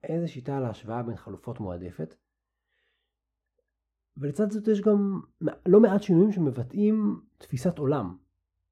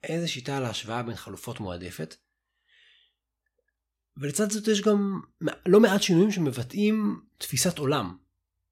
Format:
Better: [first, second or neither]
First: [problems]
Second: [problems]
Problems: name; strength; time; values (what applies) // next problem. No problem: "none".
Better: second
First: muffled; very; fading above 1.5 kHz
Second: none